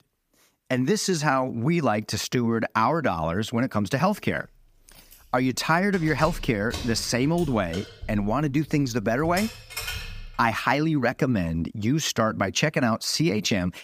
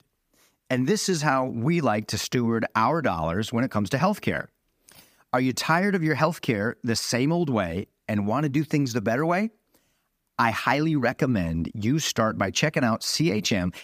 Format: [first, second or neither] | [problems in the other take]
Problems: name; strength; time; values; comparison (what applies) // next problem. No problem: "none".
second | jangling keys; noticeable; from 5 to 10 s; peak 7 dB below the speech